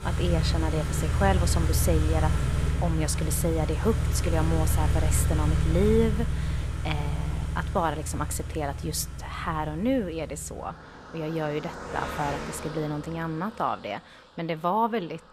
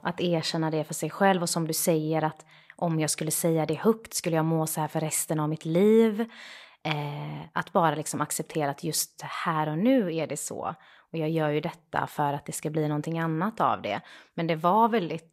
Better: second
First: traffic noise; very loud; throughout; 1 dB above the speech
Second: none

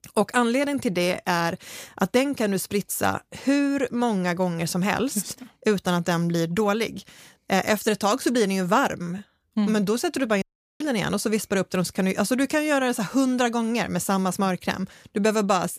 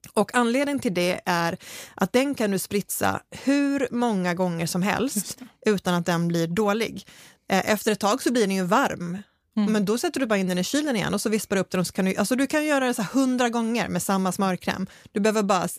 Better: second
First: audio cutting out; at 10 s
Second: none

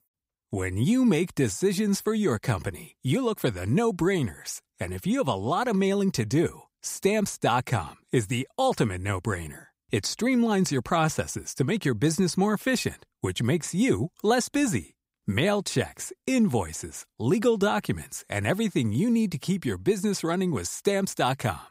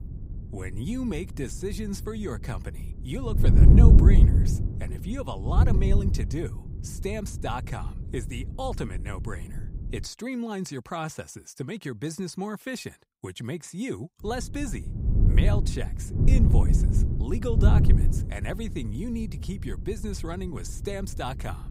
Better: first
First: none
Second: wind noise on the microphone; heavy; until 10 s and from 14 s on; as loud as the speech

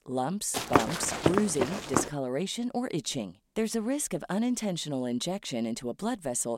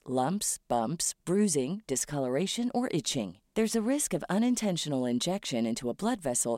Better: second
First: footsteps; loud; from 0.5 to 2 s; peak 4 dB above the speech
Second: none

